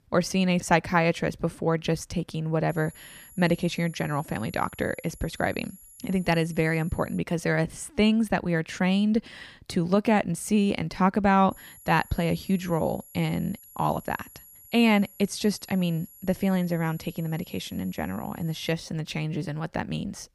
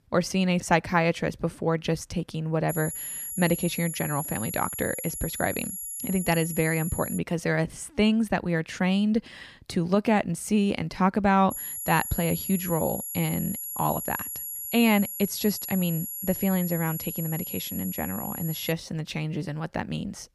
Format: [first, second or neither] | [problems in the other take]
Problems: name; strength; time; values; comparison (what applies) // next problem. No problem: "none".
first | high-pitched whine; loud; from 2.5 to 7 s and from 12 to 19 s; 11.5 kHz, 6 dB below the speech; faint in the first